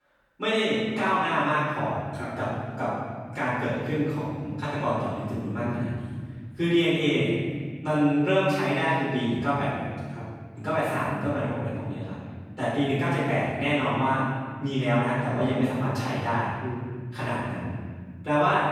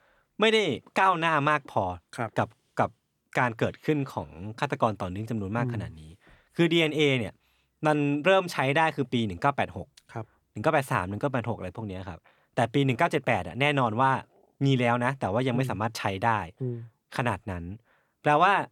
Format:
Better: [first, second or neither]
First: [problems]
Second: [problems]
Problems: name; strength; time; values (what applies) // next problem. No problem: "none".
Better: second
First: room echo; strong; dies away in 1.9 s // off-mic speech; far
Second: none